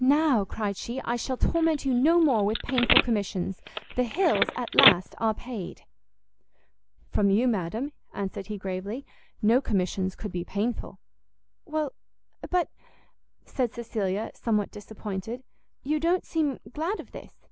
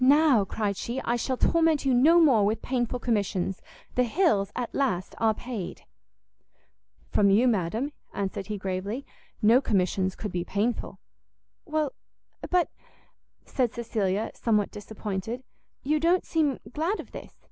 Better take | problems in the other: second | background sound (Telephone); 1 dB below the speech

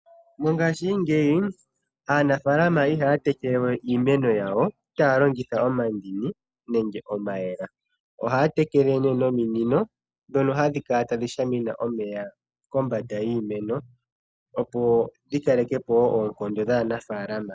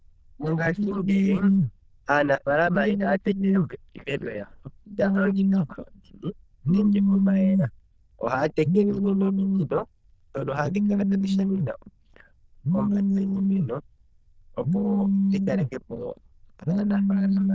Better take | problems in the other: first | noise reduction (neural diffusion model UNIVERSE++)

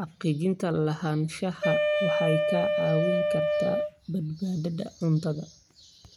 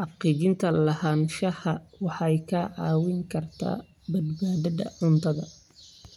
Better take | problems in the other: second | background sound (Wind instrument, woodwind instrument); 3 dB above the speech

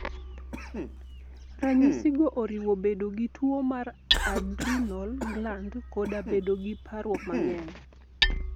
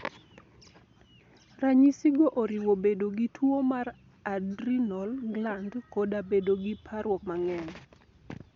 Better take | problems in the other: second | background sound (Hammer + Cough); 4 dB below the speech

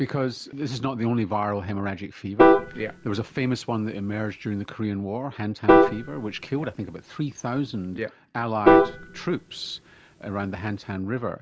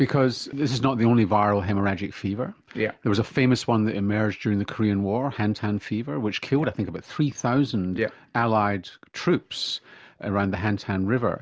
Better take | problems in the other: second | background sound (Piano); 5 dB above the speech

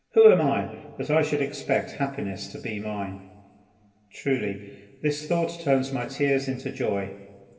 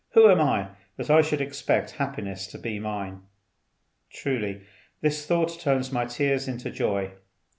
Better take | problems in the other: second | room echo; dies away in 2.6 s

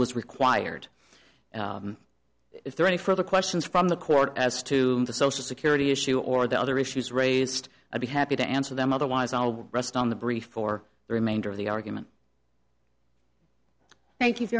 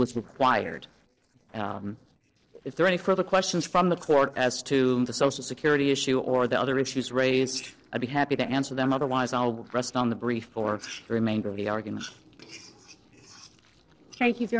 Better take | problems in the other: first | noise reduction (neural separator model SepFormer DNS4)

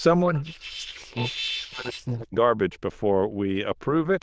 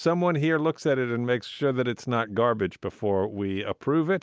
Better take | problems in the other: second | noise reduction (neural diffusion model UNIVERSE++)

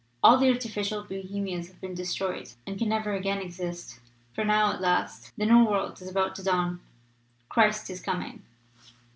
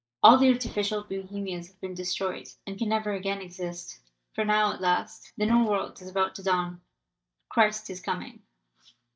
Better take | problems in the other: first | noise reduction (neural mask model DeepFilterNet 3)

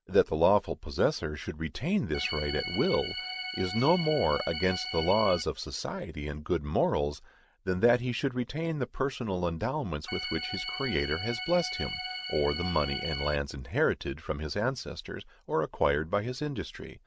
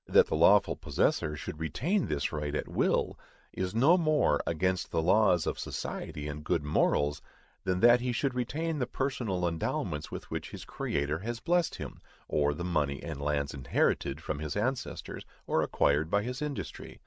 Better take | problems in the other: second | background sound (Organ); 7 dB below the speech

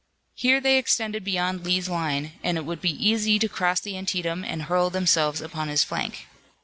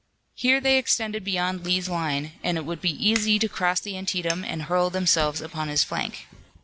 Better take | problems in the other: first | background sound (Fire); 16 dB below the speech

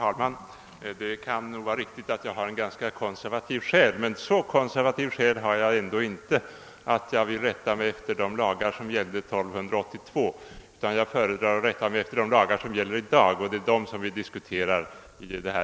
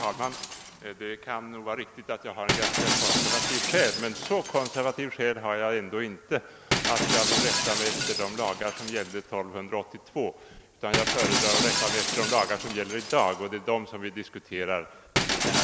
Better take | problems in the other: first | background sound (Shatter); as loud as the speech

